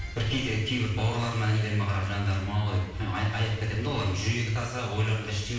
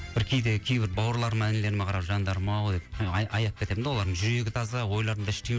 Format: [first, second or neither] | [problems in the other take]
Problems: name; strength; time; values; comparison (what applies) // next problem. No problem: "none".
second | room echo; dies away in 0.9 s